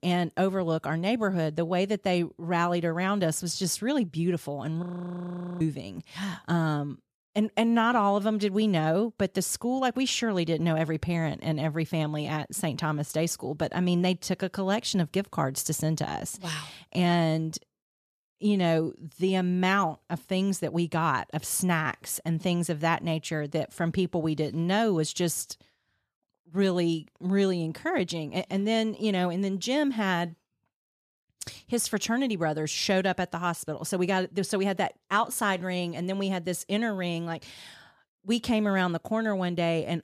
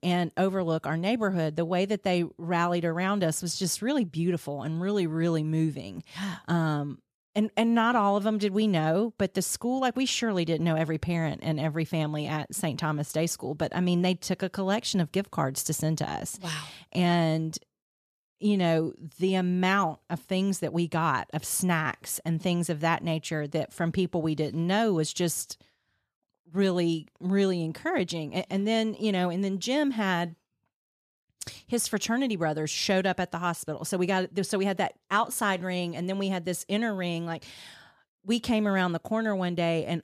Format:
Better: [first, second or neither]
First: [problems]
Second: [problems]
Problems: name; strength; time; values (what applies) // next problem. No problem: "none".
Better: second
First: audio freezing; at 5 s for 1 s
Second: none